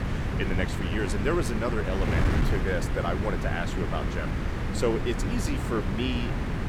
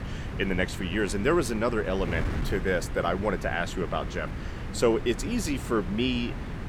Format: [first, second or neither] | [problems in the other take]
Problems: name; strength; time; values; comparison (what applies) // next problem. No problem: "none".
second | wind noise on the microphone; heavy; 2 dB below the speech; occasional gusts in the second